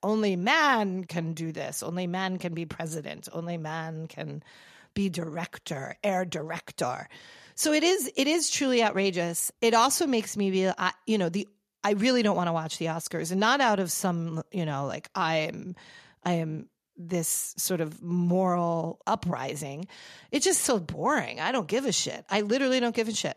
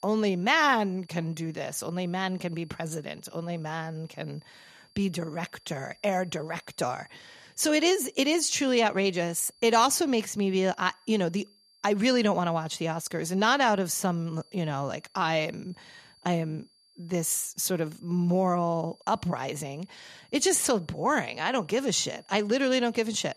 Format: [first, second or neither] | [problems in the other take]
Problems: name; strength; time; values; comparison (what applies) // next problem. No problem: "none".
first | high-pitched whine; faint; throughout; 4.5 kHz, 30 dB below the speech